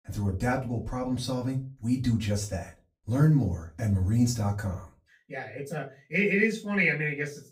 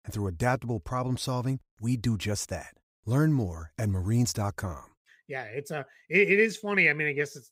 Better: second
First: off-mic speech; far // room echo; very slight; dies away in 0.2 s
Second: none

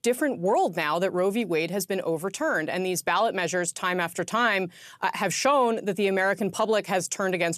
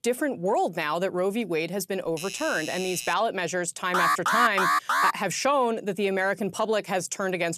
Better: first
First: none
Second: doorbell; noticeable; from 2 to 3 s; peak 7 dB below the speech // alarm; loud; from 4 to 5 s; peak 4 dB above the speech

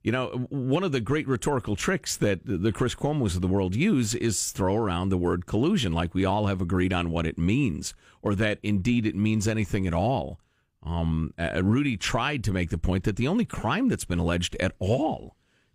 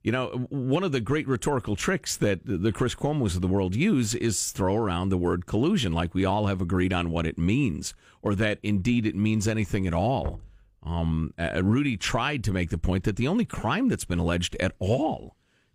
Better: first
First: none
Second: door banging; faint; at 10 s; peak 10 dB below the speech

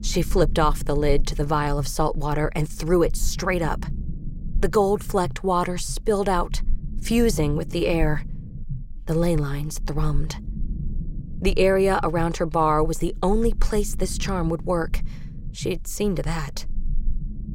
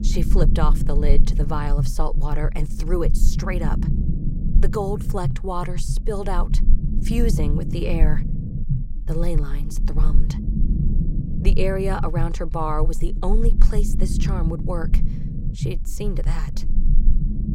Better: first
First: low rumble; faint; throughout; 25 dB below the speech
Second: low rumble; loud; throughout; 8 dB below the speech

